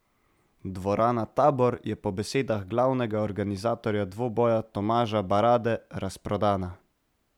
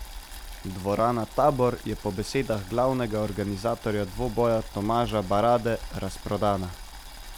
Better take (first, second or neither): first